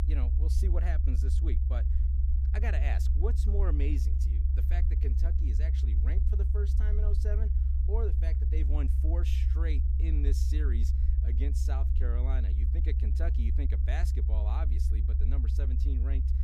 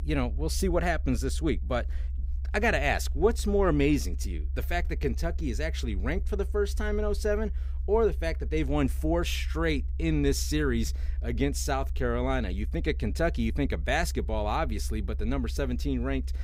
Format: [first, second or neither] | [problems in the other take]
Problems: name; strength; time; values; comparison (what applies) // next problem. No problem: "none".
second | low rumble; loud; throughout; 3 dB below the speech; faint in the second